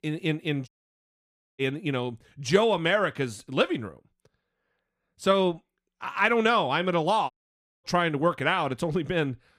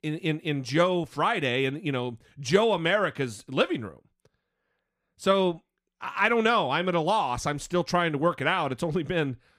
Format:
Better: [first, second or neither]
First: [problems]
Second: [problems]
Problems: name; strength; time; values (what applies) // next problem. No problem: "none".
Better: second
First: audio cutting out; at 0.5 s for 1 s and at 7.5 s for 0.5 s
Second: none